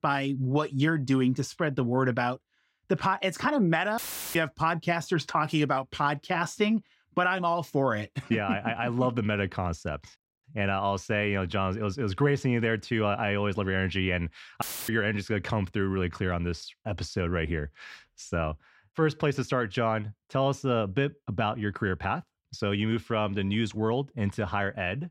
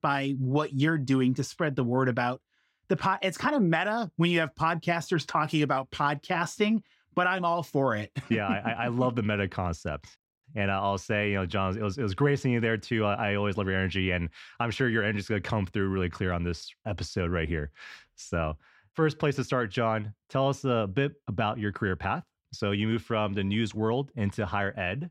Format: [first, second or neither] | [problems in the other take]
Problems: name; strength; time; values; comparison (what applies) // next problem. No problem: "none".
second | audio cutting out; filled with static; at 4 s and at 15 s